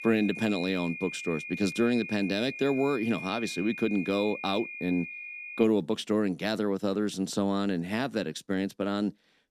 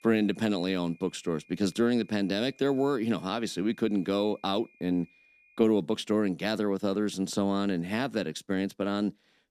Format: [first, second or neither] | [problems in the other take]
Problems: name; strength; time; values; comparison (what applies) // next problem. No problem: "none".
second | high-pitched whine; loud; until 5.5 s; 2.5 kHz, 9 dB below the speech; faint in the second